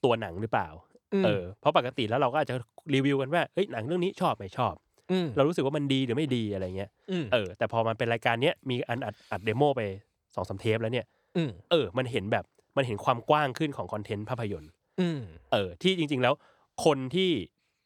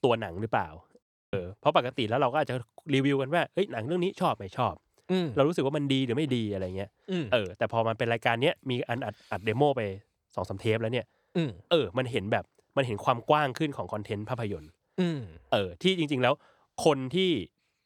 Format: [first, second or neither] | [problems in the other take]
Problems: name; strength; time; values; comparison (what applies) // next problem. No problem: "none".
first | audio cutting out; at 1 s